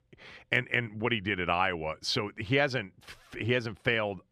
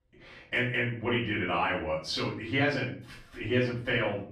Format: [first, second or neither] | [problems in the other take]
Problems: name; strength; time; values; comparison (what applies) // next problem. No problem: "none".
first | room echo; noticeable; dies away in 0.5 s // off-mic speech; far